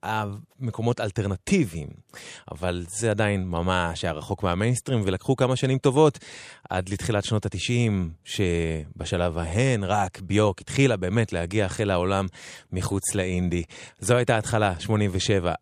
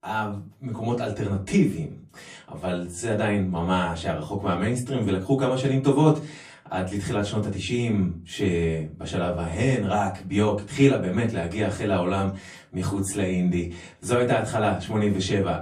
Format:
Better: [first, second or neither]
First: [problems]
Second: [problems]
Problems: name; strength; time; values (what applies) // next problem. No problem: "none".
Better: first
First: none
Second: off-mic speech; far // room echo; very slight; dies away in 0.3 s